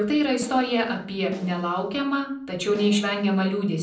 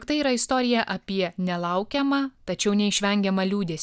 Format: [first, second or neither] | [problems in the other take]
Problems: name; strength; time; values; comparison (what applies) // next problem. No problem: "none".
second | noise reduction (neural separator model SepFormer DNS4)